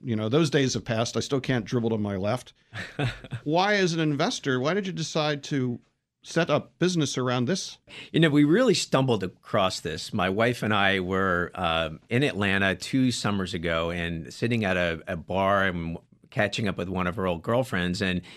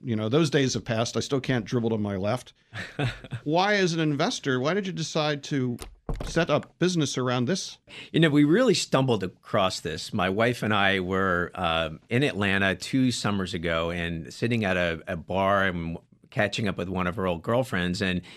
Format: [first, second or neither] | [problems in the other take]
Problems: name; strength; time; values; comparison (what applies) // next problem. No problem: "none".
first | door banging; faint; at 6 s; peak 10 dB below the speech